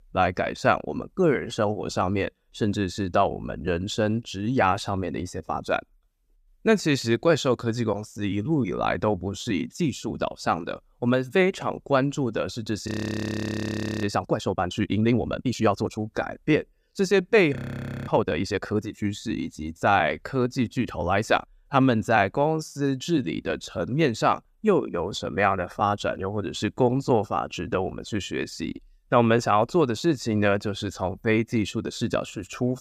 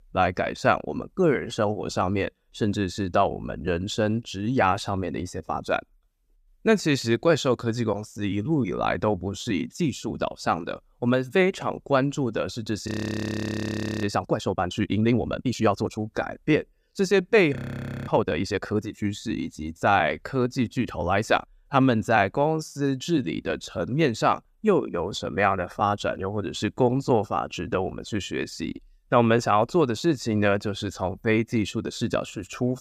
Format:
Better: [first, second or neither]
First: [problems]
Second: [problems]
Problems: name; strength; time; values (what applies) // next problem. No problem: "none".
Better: neither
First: audio freezing; at 13 s for 1 s and at 18 s for 0.5 s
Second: audio freezing; at 13 s for 1 s and at 18 s for 0.5 s